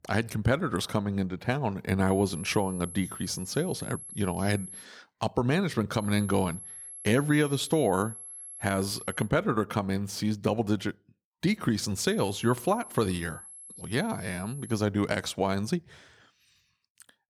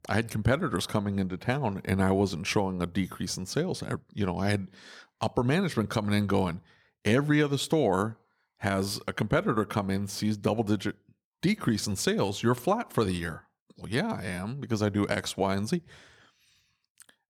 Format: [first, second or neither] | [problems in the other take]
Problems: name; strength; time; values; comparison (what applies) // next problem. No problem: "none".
second | high-pitched whine; noticeable; from 2 to 5 s, from 6 to 9.5 s and from 12 to 15 s; 11 kHz, 15 dB below the speech